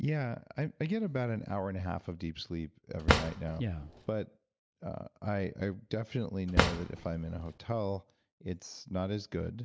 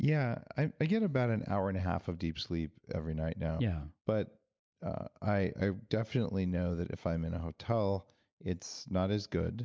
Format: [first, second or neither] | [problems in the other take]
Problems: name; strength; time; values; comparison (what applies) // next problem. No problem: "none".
second | background sound (Drawer open or close); 4 dB above the speech